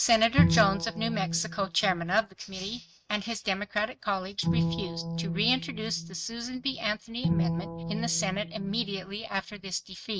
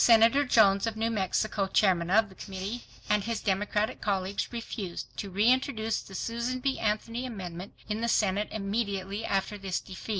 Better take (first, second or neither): second